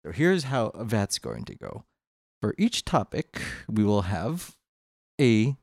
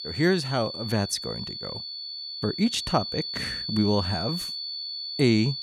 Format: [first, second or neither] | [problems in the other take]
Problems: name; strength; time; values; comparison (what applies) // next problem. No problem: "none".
first | high-pitched whine; loud; throughout; 4.5 kHz, 5 dB below the speech